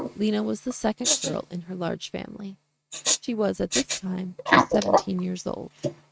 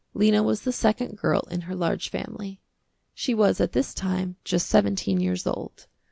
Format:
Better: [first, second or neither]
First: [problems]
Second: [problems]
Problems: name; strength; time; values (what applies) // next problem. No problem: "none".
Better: second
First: noise reduction (neural mask model RNNoise)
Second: none